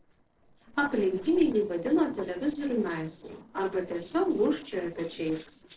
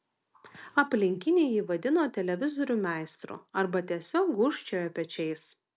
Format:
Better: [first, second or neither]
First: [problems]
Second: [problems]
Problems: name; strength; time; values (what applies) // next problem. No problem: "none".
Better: second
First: noise reduction (neural separator model SepFormer DNS4)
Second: none